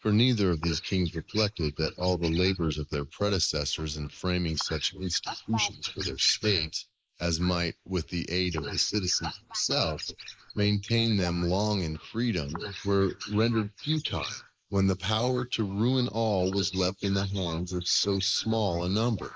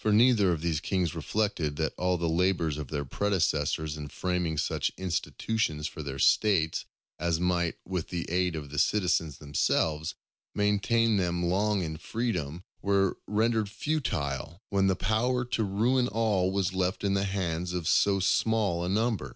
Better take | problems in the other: second | noise reduction (neural mask model Resemble Enhance denoiser)

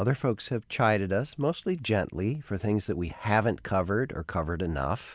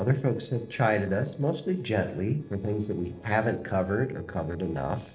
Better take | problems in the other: first | noise reduction (neural separator model SepFormer DNS4)

